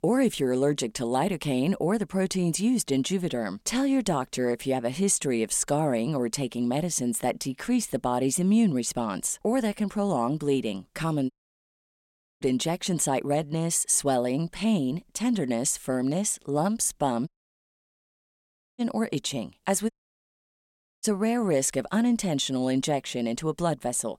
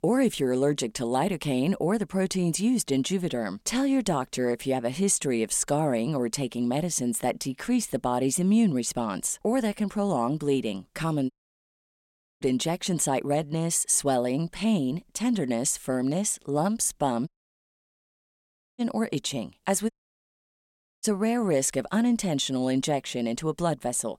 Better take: neither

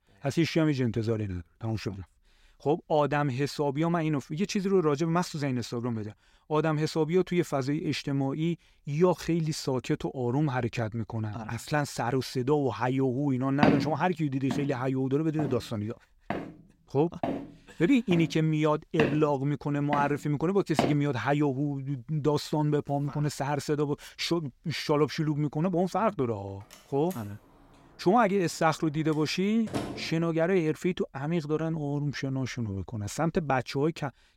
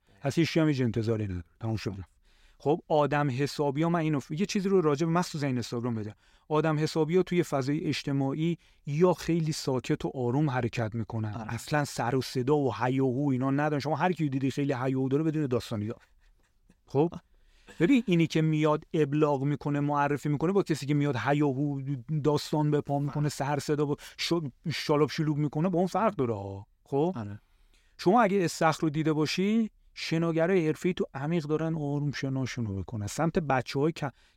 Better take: second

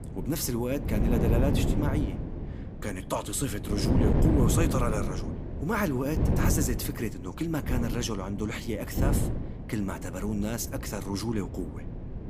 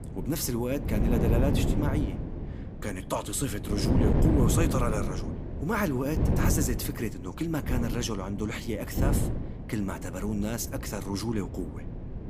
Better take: neither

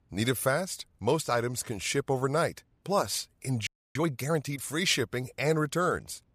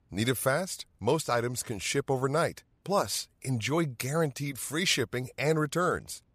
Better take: second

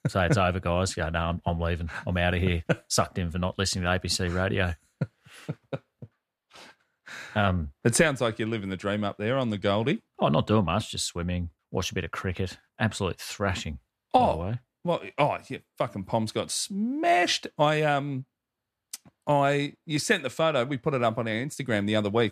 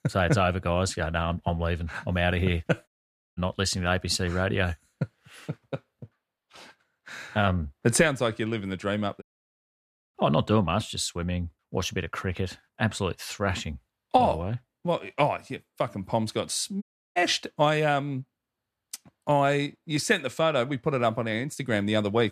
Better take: first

